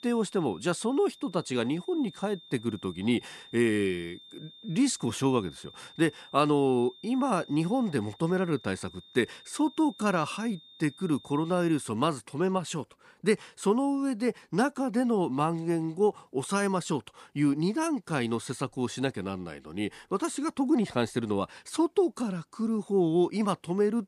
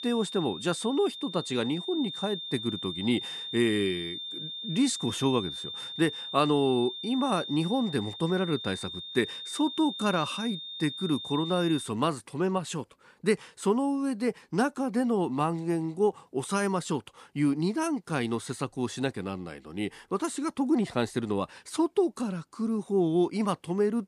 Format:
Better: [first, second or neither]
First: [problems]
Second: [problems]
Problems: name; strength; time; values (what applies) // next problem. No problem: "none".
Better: first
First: high-pitched whine; faint; until 12 s; 3.5 kHz, 20 dB below the speech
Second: high-pitched whine; loud; until 12 s; 3.5 kHz, 7 dB below the speech